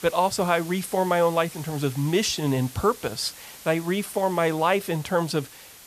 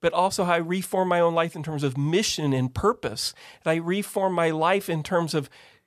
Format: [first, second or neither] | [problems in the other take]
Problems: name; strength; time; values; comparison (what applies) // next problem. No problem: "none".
second | hiss; noticeable; throughout; 15 dB below the speech